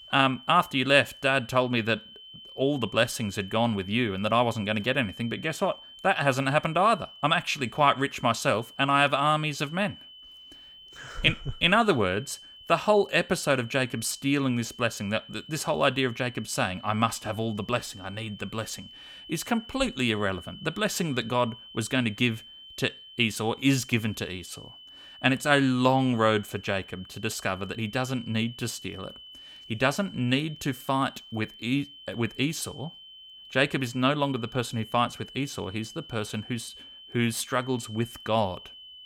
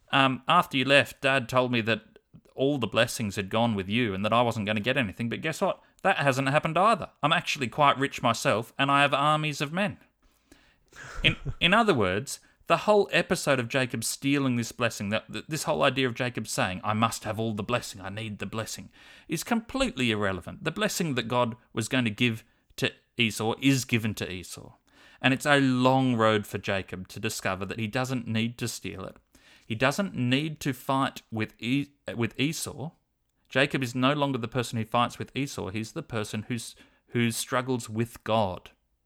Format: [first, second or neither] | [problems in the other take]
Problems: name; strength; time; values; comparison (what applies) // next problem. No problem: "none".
second | high-pitched whine; noticeable; throughout; 3 kHz, 20 dB below the speech